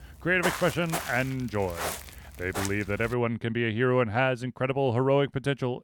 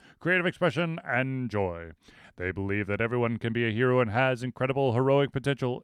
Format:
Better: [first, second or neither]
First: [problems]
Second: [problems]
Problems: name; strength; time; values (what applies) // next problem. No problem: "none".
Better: second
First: footsteps; noticeable; until 3 s; peak 5 dB below the speech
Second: none